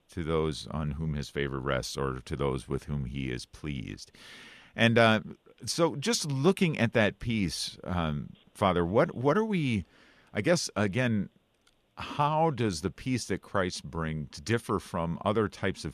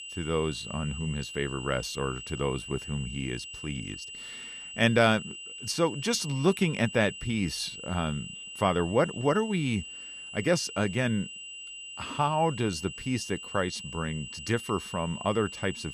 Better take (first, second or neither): first